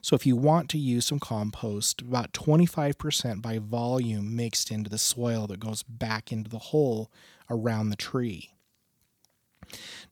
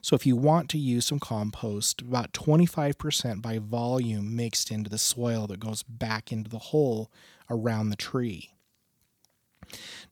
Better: neither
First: none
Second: none

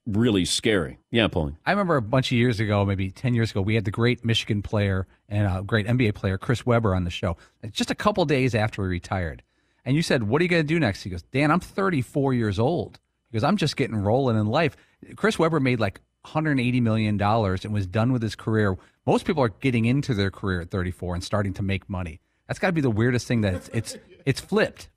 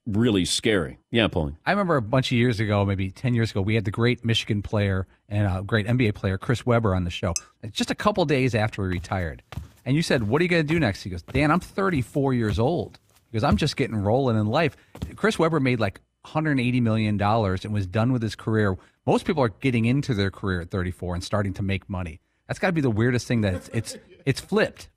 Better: first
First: none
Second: clattering dishes; very faint; at 7.5 s; peak 8 dB below the speech // footsteps; noticeable; from 9 to 15 s; peak 7 dB below the speech

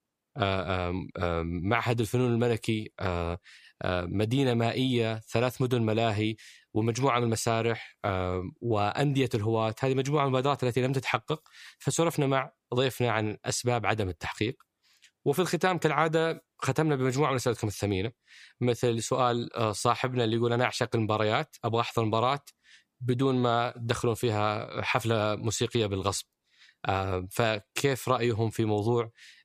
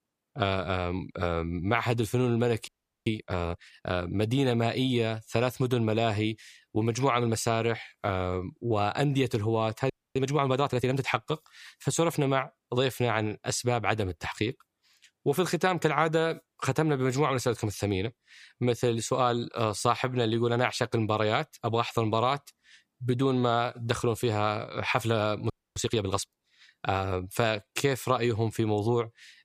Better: first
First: none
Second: audio freezing; at 2.5 s, at 10 s and at 26 s

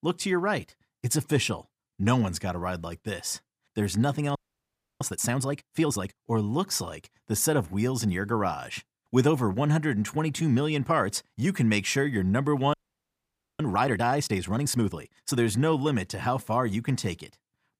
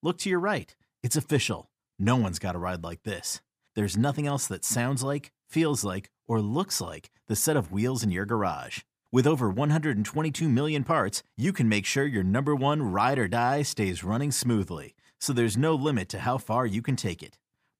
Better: second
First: audio freezing; at 4.5 s for 0.5 s and at 13 s for 1 s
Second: none

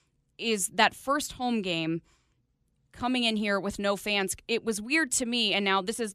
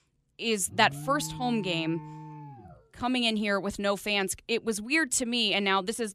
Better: first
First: none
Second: alarm; faint; from 0.5 to 3 s; peak 10 dB below the speech

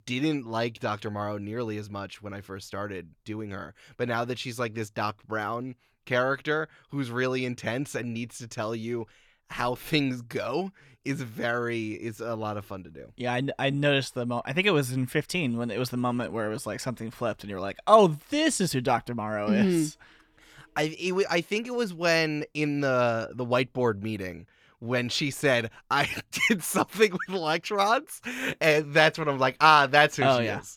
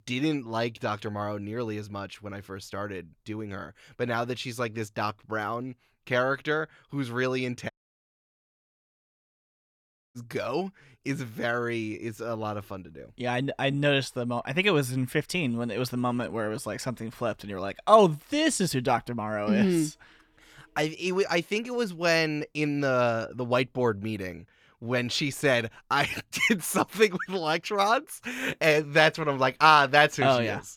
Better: first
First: none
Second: audio cutting out; at 7.5 s for 2.5 s

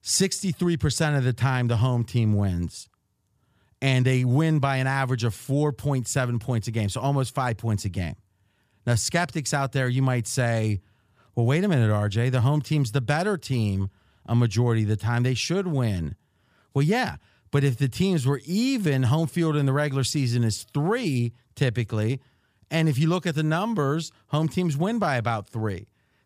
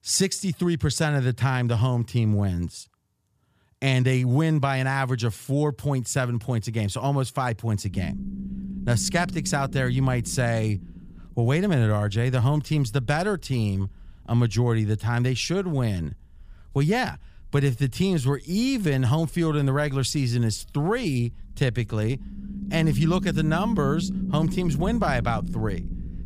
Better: first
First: none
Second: low rumble; noticeable; from 8 s on; 10 dB below the speech

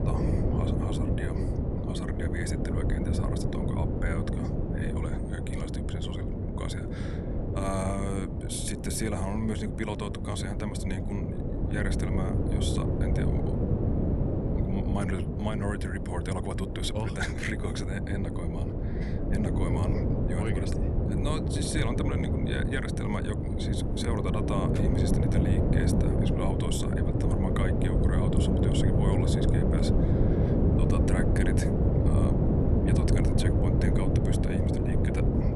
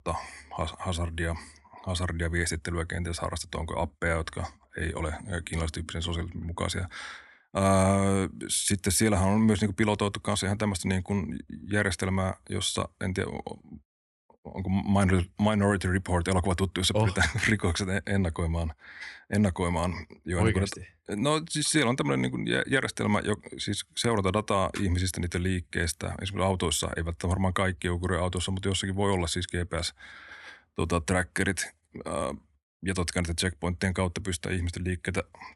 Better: second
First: wind noise on the microphone; heavy; 2 dB above the speech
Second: none

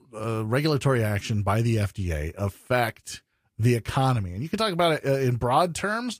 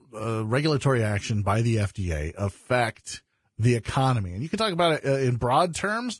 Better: first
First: garbled, watery; slightly; nothing above 15.5 kHz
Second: garbled, watery; badly; nothing above 10.5 kHz

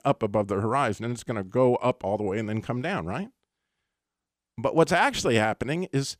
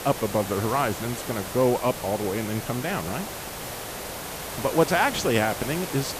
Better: first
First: none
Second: hiss; loud; throughout; 7 dB below the speech

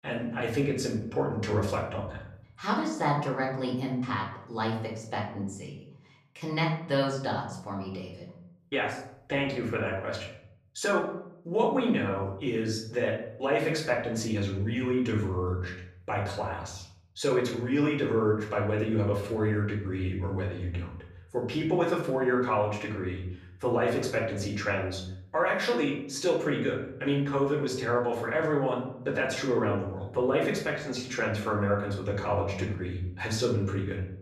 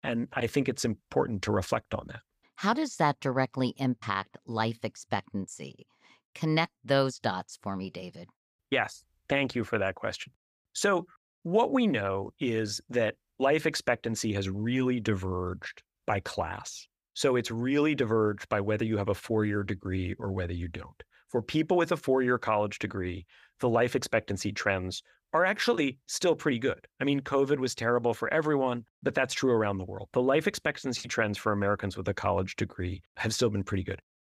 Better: second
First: off-mic speech; far // room echo; slight; dies away in 0.7 s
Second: none

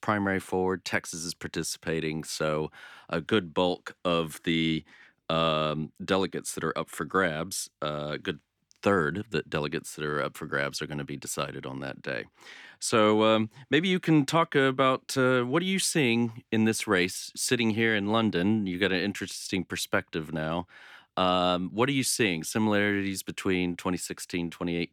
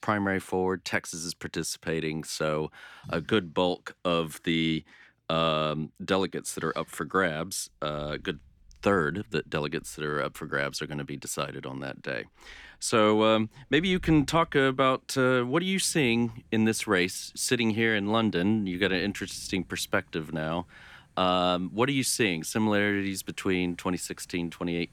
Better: first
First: none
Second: rain or running water; faint; throughout; 25 dB below the speech

